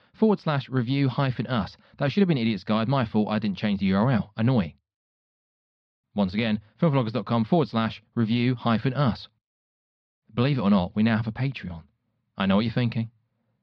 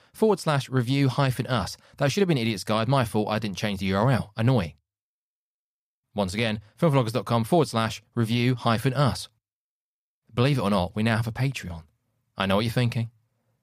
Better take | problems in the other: second | muffled; very slightly; fading above 4.5 kHz

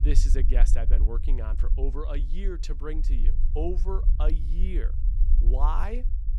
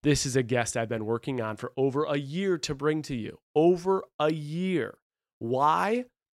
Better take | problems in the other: second | low rumble; noticeable; throughout; 10 dB below the speech

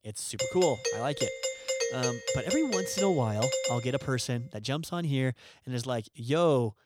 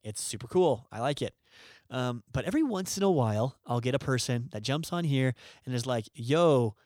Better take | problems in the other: second | doorbell; loud; until 4 s; peak 1 dB above the speech

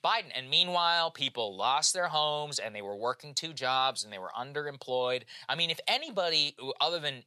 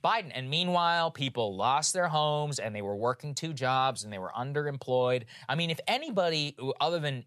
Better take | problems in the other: second | thin; somewhat; fading below 550 Hz

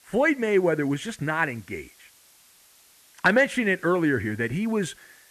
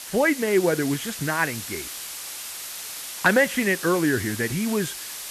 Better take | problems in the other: first | hiss; loud; throughout; 9 dB below the speech; faint in the first

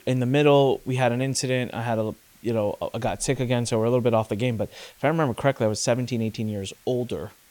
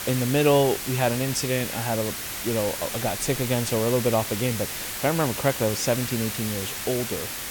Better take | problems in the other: first | hiss; loud; throughout; 4 dB below the speech; faint in the first

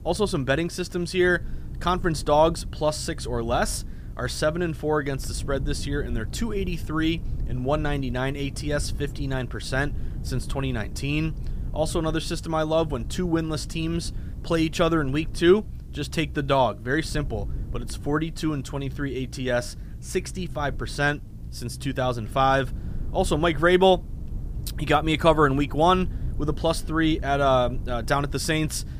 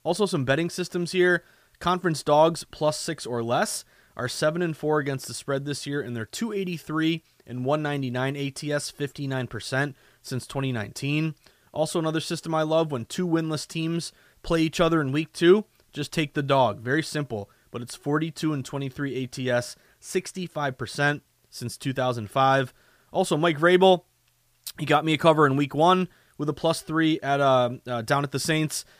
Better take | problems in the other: second | low rumble; faint; throughout; 25 dB below the speech

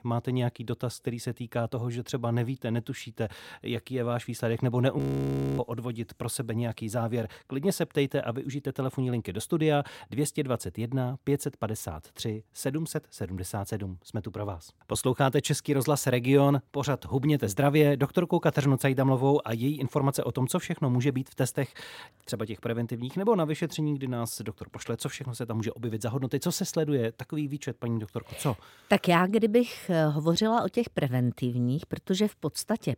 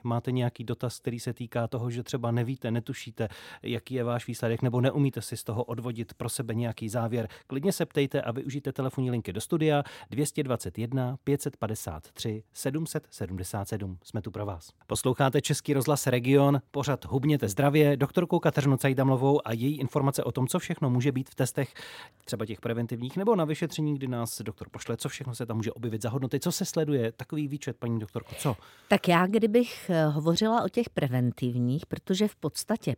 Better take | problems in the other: second | audio freezing; at 5 s for 0.5 s

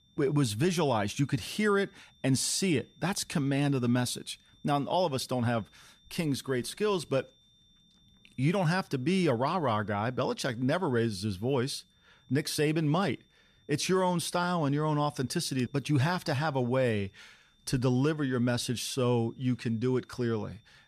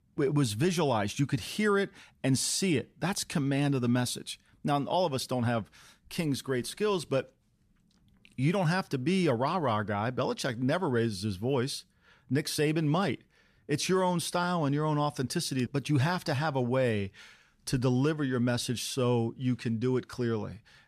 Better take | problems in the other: second | high-pitched whine; faint; throughout; 3.5 kHz, 35 dB below the speech

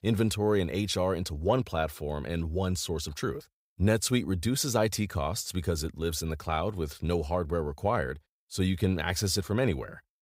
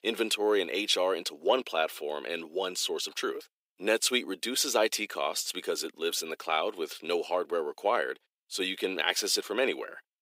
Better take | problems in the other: first | thin; very; fading below 300 Hz

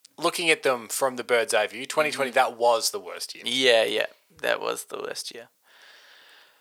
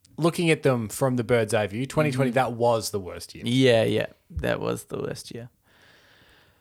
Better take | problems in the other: second | thin; very; fading below 600 Hz

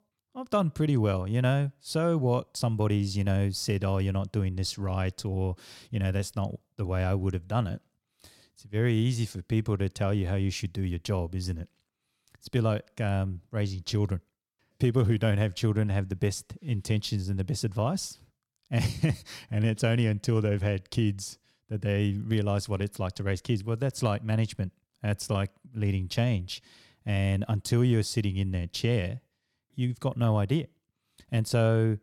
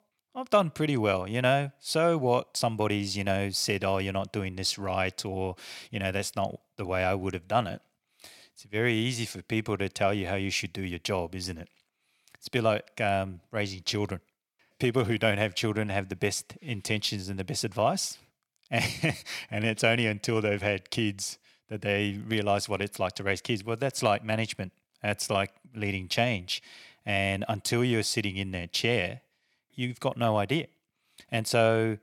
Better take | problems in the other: first | thin; somewhat; fading below 400 Hz

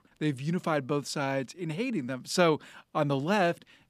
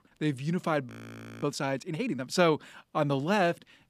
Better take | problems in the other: first | audio freezing; at 1 s for 0.5 s

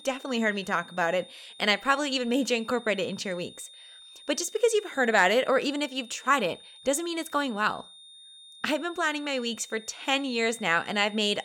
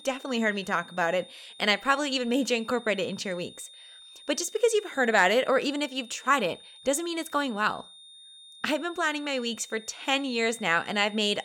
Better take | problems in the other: neither | high-pitched whine; noticeable; throughout; 3.5 kHz, 20 dB below the speech; the same in both

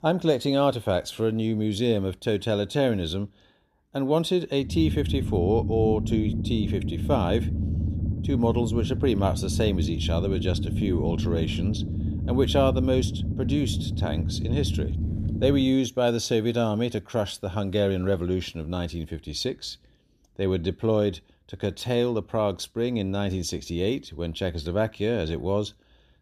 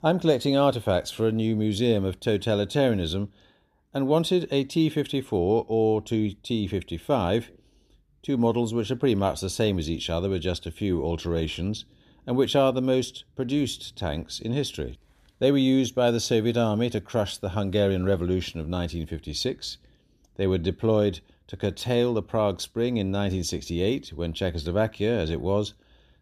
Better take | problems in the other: second | low rumble; noticeable; from 4.5 to 16 s; 10 dB below the speech

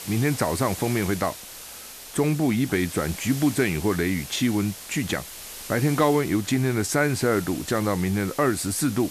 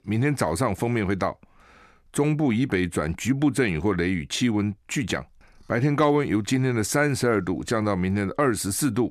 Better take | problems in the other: second | hiss; noticeable; throughout; 10 dB below the speech

